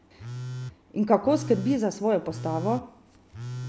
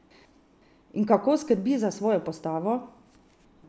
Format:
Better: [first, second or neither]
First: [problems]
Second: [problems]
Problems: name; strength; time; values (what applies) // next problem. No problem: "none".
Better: second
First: background sound (Telephone); 10 dB below the speech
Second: none